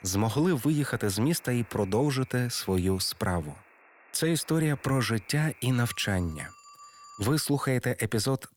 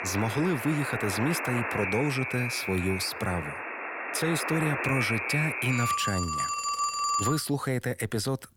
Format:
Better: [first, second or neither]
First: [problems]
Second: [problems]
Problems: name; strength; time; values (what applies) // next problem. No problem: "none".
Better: first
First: alarms or sirens; faint; throughout; 25 dB below the speech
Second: alarms or sirens; loud; throughout; 1 dB below the speech